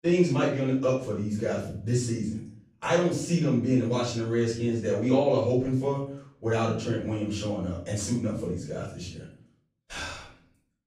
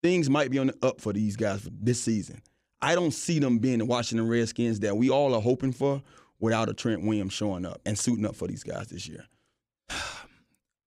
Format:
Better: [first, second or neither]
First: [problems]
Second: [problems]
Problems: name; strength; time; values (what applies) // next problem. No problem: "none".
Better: second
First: off-mic speech; far // room echo; noticeable; dies away in 0.5 s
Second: none